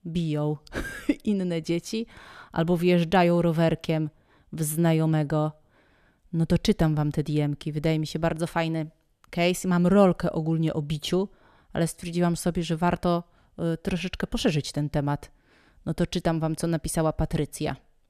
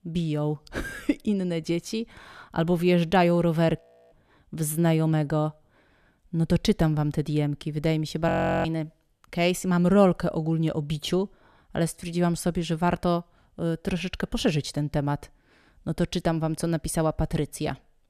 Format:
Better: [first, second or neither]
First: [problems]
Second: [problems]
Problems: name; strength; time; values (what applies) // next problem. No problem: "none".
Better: first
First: none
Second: audio freezing; at 4 s and at 8.5 s